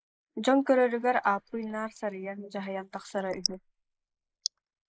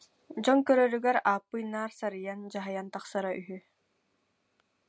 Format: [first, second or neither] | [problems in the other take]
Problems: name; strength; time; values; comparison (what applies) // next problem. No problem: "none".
second | noise reduction (neural mask model Resemble Enhance denoiser)